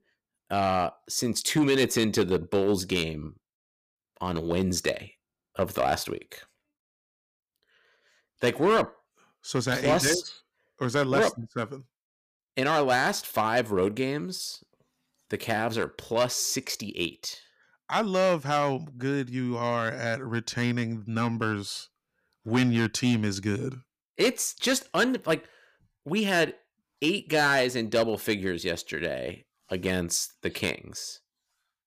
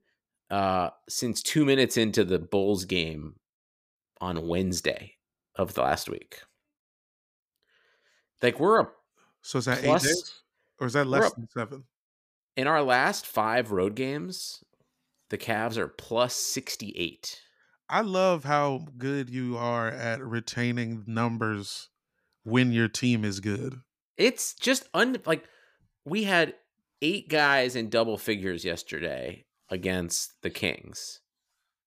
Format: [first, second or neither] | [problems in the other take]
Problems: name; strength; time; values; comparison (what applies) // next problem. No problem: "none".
second | distortion; slight; 3% of the sound clipped